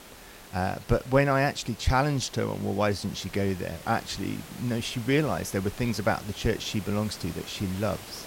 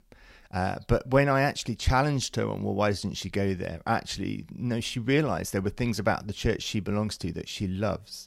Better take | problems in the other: second | hiss; noticeable; throughout; 15 dB below the speech

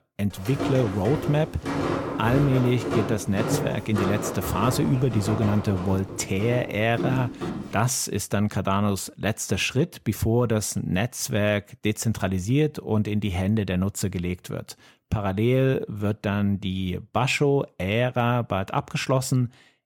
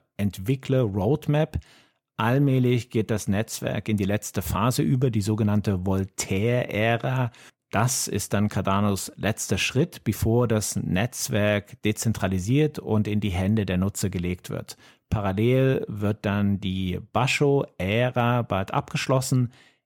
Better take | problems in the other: second | footsteps; noticeable; until 7.5 s; peak 1 dB below the speech

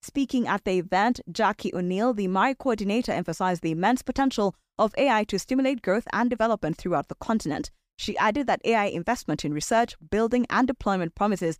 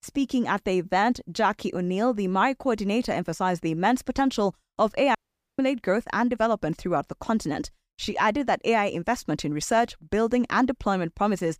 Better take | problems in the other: first | audio cutting out; at 5 s

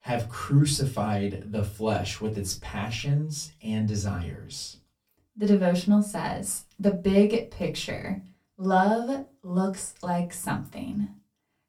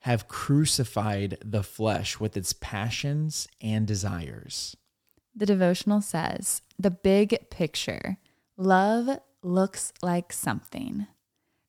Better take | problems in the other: second | off-mic speech; far // room echo; very slight; dies away in 0.2 s

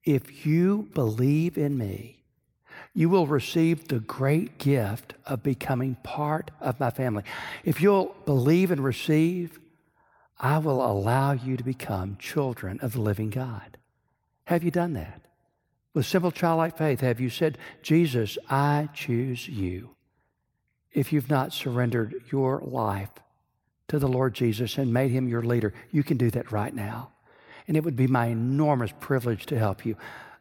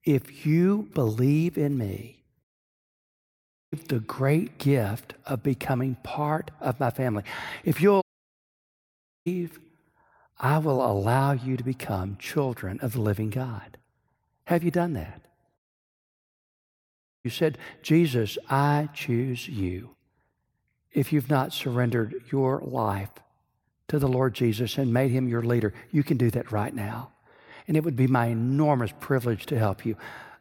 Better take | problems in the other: first | audio cutting out; at 2.5 s for 1.5 s, at 8 s for 1 s and at 16 s for 1.5 s

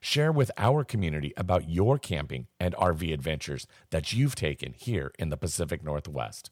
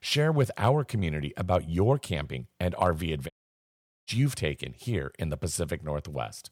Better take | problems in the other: first | audio cutting out; at 3.5 s for 1 s

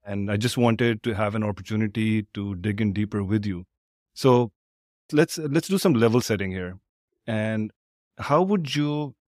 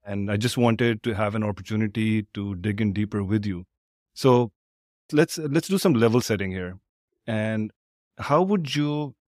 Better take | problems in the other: neither | none

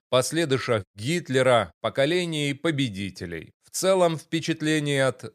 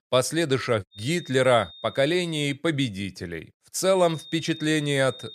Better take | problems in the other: first | high-pitched whine; noticeable; from 1 to 2.5 s and from 4 s on; 3.5 kHz, 15 dB below the speech

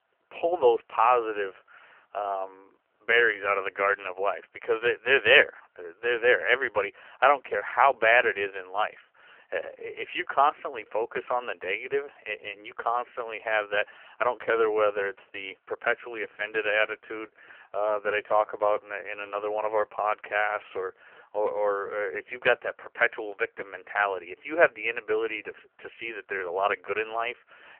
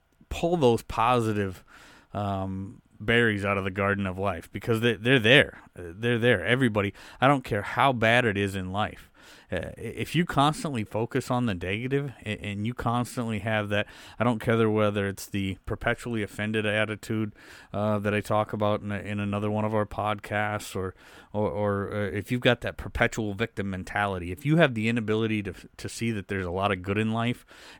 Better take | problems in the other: second | phone-call audio; poor line; nothing above 3 kHz

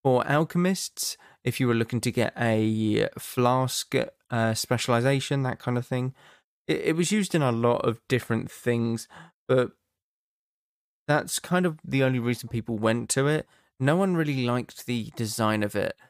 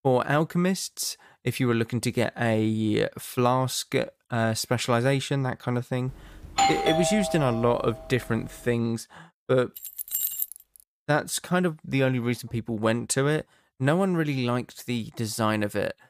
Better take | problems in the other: first | doorbell; loud; from 6.5 to 8 s; peak 3 dB above the speech // jangling keys; loud; at 10 s; peak level with the speech

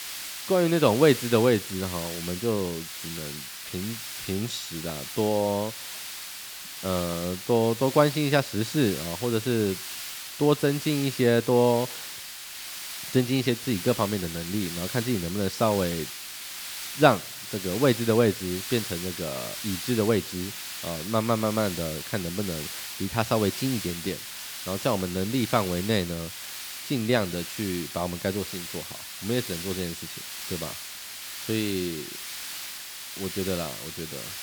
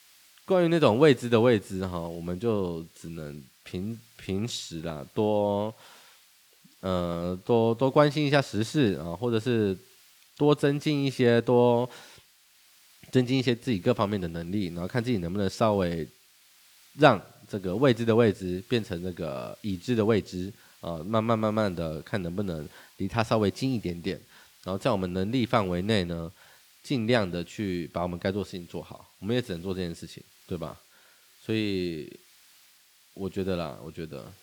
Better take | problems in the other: second | hiss; loud; throughout; 8 dB below the speech; faint in the second

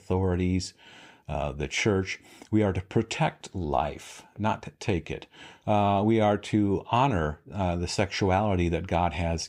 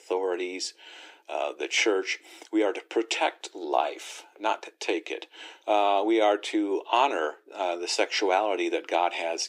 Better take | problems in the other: first | thin; very; fading below 300 Hz

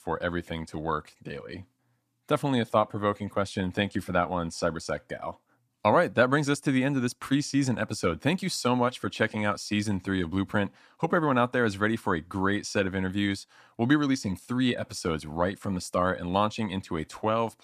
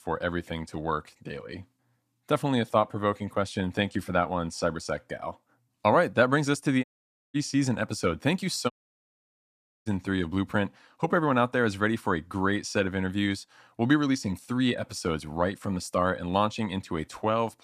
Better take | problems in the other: first | audio cutting out; at 7 s for 0.5 s and at 8.5 s for 1 s

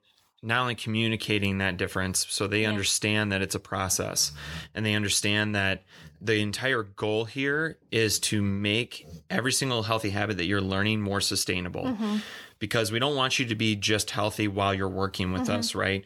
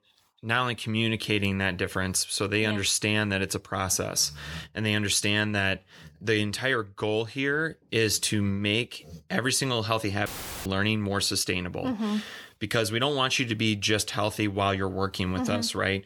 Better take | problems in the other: first | audio cutting out; filled with static; at 10 s

